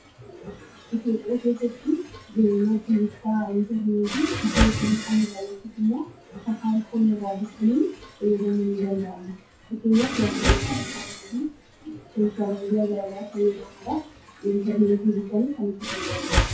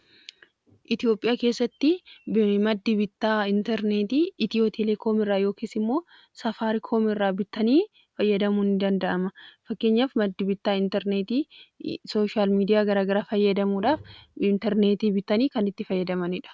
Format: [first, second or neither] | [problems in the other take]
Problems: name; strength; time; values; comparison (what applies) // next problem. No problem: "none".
second | noise reduction (classical method WPE with log-MMSE)